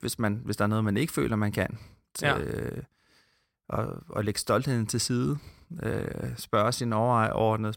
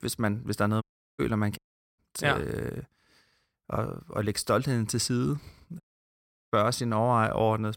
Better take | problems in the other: first | audio cutting out; at 1 s, at 1.5 s and at 6 s for 0.5 s

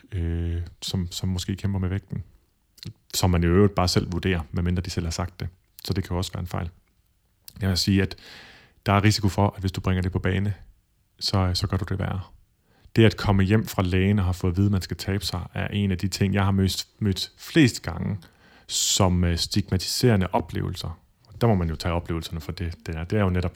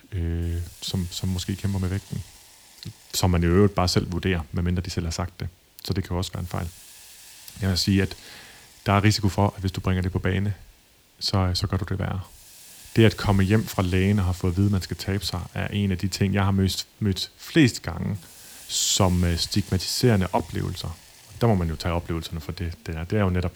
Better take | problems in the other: first | hiss; faint; throughout; 20 dB below the speech

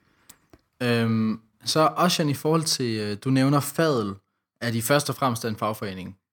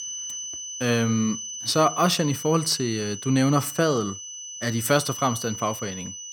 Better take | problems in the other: first | high-pitched whine; loud; throughout; 6 kHz, 9 dB below the speech

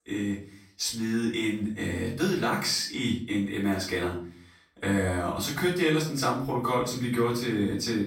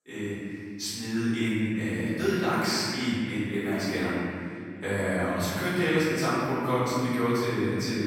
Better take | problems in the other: first | room echo; strong; dies away in 2.9 s; slight in the first // off-mic speech; far; far in the first

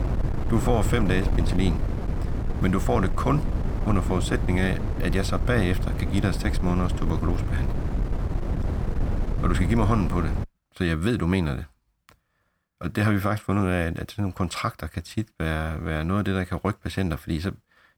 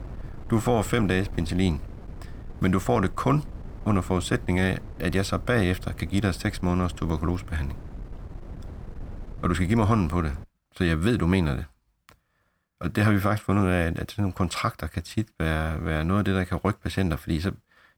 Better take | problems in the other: second | wind noise on the microphone; heavy; until 10 s; 8 dB below the speech; occasional gusts in the second

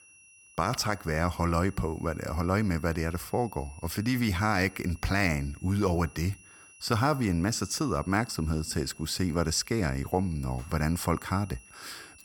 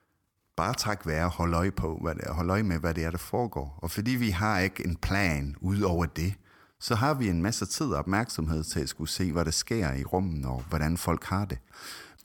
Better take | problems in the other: second | high-pitched whine; faint; throughout; 2.5 kHz, 25 dB below the speech

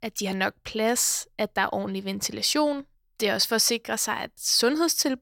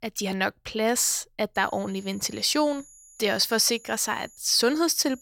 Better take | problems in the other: first | high-pitched whine; faint; from 1.5 s on; 7 kHz, 25 dB below the speech

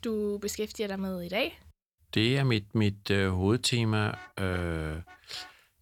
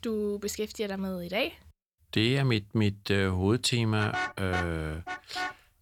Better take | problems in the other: first | traffic noise; loud; from 4 s on; 7 dB below the speech; faint in the first

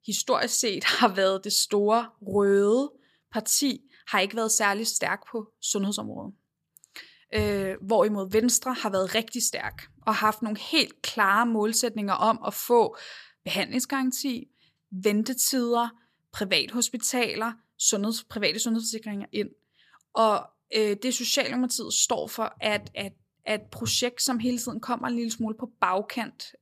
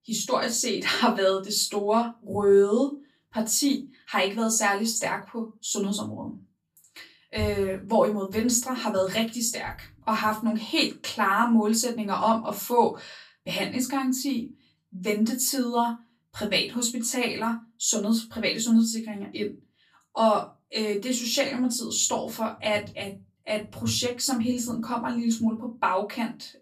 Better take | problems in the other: first | off-mic speech; far // room echo; very slight; dies away in 0.2 s

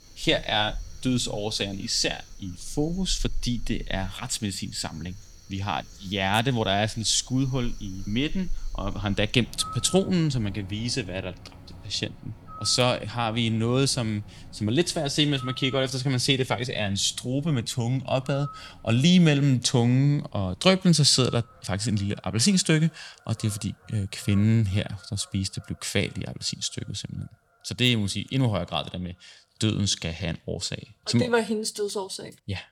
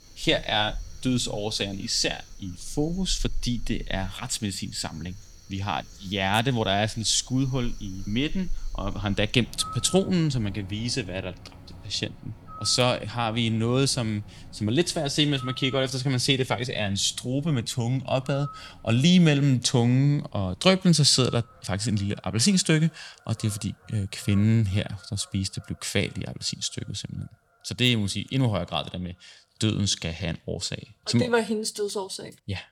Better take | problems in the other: neither | animal sounds; faint; throughout; 20 dB below the speech; the same in both

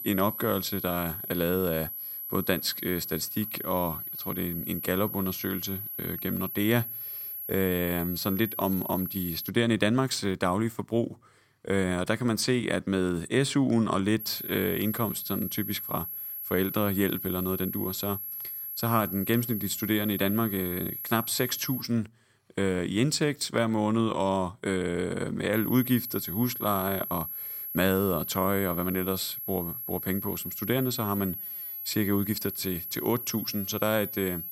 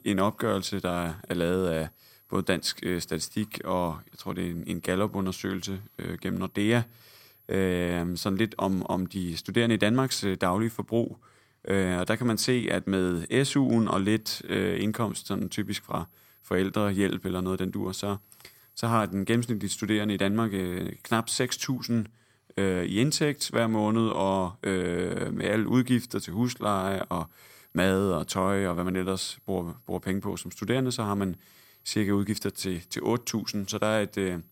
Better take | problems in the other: second | high-pitched whine; loud; until 9.5 s, from 14 to 22 s and from 26 s on; 11.5 kHz, 5 dB below the speech; faint in the second

